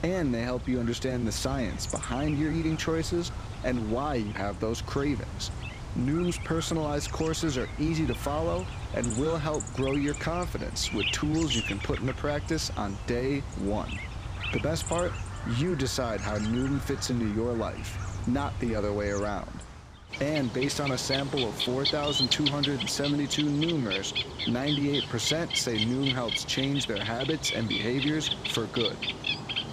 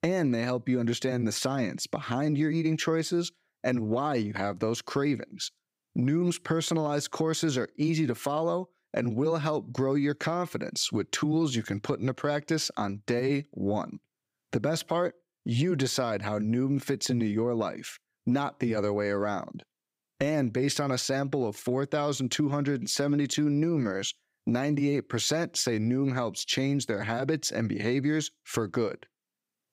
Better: second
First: animal sounds; loud; throughout; 3 dB below the speech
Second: none

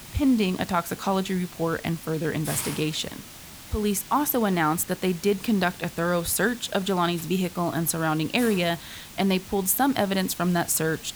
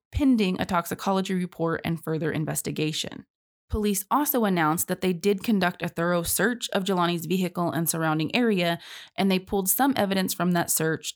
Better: second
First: hiss; noticeable; throughout; 15 dB below the speech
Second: none

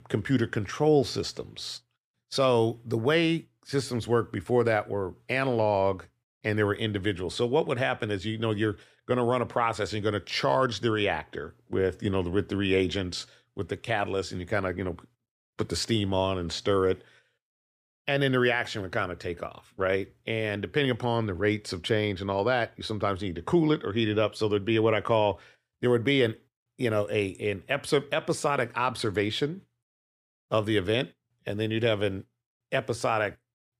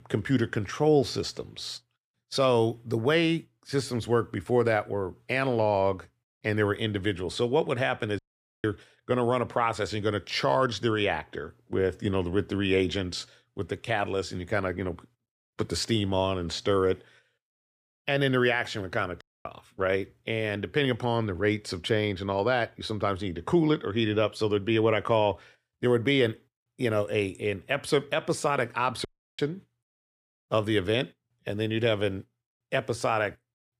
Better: first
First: none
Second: audio cutting out; at 8 s, at 19 s and at 29 s

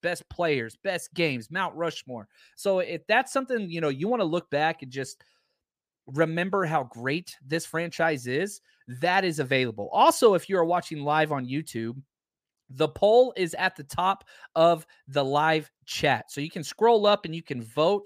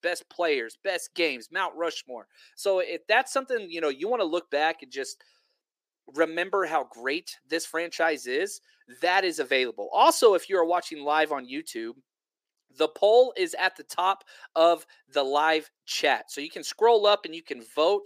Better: first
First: none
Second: thin; somewhat; fading below 350 Hz

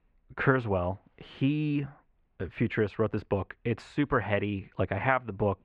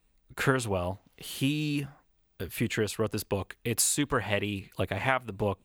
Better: second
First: muffled; very; fading above 2 kHz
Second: none

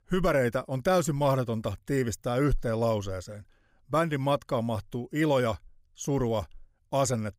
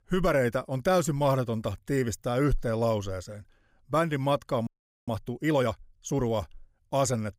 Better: first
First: none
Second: audio freezing; at 4.5 s

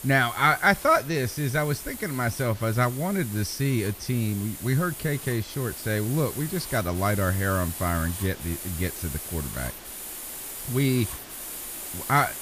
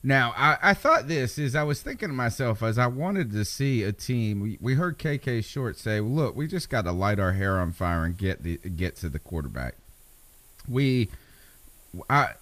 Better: second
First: hiss; loud; throughout; 9 dB below the speech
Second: hiss; faint; throughout; 30 dB below the speech

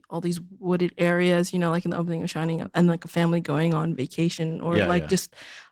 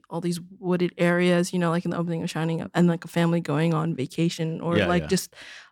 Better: second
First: garbled, watery; slightly; nothing above 16 kHz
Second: none

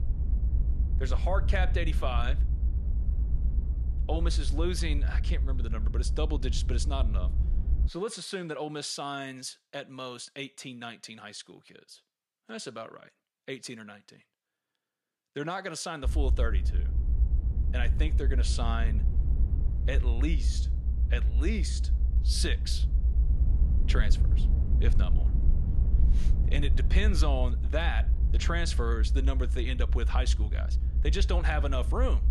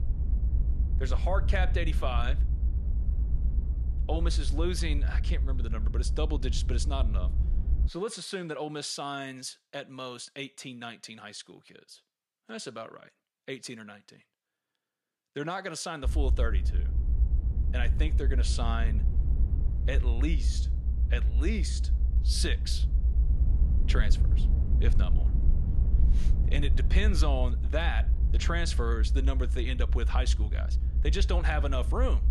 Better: neither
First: low rumble; noticeable; until 8 s and from 16 s on; 10 dB below the speech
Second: low rumble; noticeable; until 8 s and from 16 s on; 10 dB below the speech

